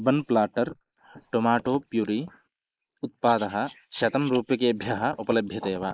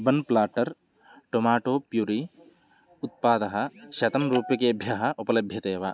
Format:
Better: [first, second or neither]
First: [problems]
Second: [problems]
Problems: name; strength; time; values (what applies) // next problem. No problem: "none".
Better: second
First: noise reduction (neural mask model Resemble Enhance denoiser)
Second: none